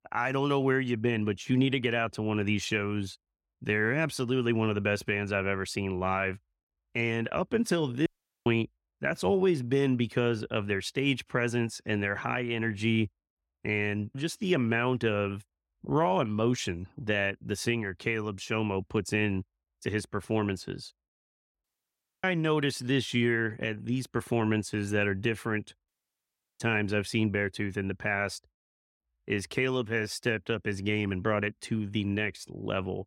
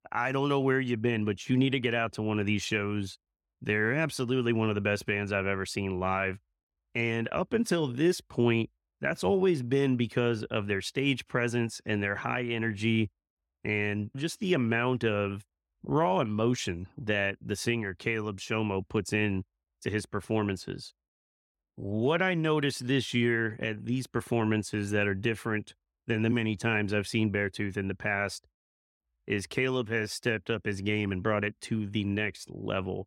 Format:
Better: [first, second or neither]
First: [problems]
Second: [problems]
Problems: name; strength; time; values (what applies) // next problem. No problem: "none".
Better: second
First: audio cutting out; at 8 s, at 22 s for 0.5 s and at 26 s for 0.5 s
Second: none